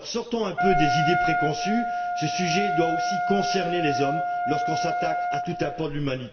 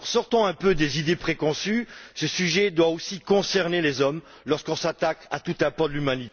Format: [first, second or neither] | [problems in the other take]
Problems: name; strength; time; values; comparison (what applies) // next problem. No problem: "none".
second | background sound (Wind instrument, woodwind instrument); 1 dB above the speech // room echo; dies away in 1.9 s